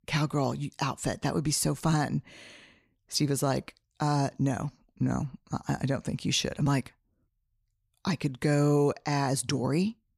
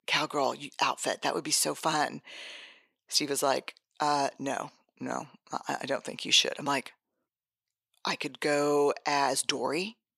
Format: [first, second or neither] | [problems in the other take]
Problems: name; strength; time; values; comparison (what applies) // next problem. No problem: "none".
first | thin; somewhat; fading below 500 Hz